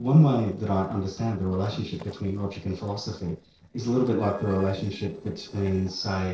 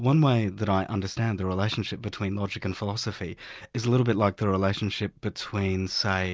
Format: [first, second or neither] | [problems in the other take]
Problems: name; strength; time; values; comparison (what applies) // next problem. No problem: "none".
second | noise reduction (neural separator model SepFormer DNS4)